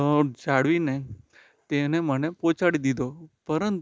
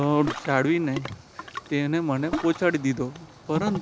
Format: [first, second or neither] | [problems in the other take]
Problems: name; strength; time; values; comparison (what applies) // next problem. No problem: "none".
first | background sound (Ocean); 10 dB below the speech